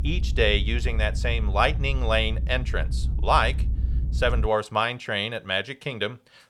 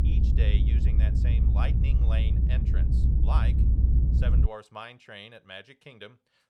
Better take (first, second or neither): first